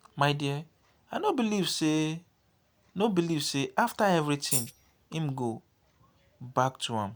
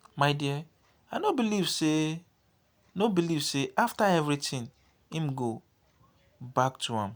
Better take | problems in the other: second | background sound (Tambourine); 4 dB below the speech

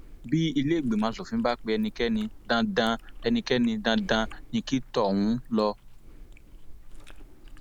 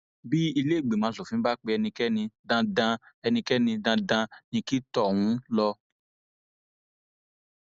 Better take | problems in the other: second | background sound (Chewing, mastication); 14 dB below the speech

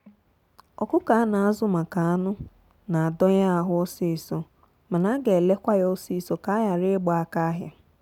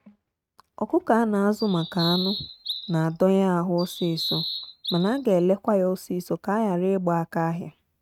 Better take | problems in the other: first | noise reduction (neural mask model RNNoise)

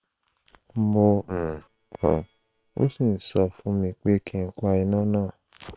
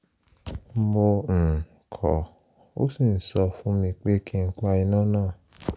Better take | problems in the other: second | noise reduction (neural separator model SepFormer WHAM!)

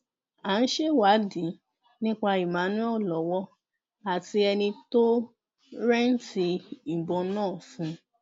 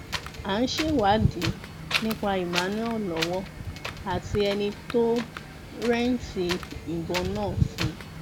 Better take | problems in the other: first | background sound (Wind); 4 dB below the speech

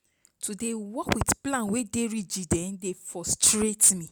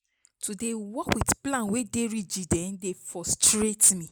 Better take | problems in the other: first | noise reduction (neural mask model Resemble Enhance denoiser)

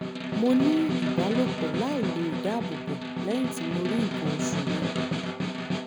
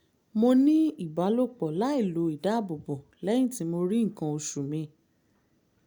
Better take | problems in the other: second | background sound (Snare drum); as loud as the speech

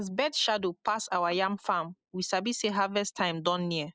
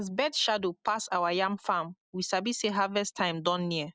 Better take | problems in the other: second | noise reduction (neural mask model Resemble Enhance denoiser)

